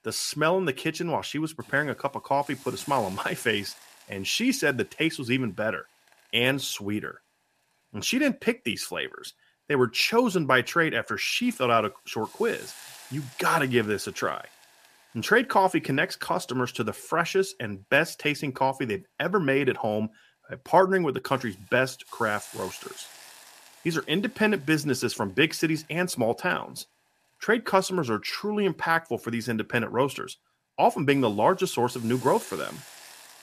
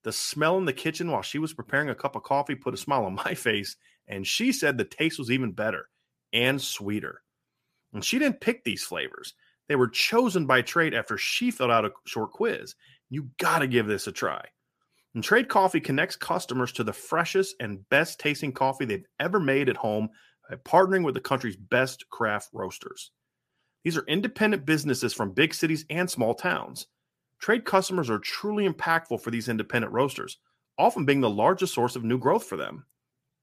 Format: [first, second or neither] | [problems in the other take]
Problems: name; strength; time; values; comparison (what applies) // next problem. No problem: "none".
second | hiss; faint; throughout; 20 dB below the speech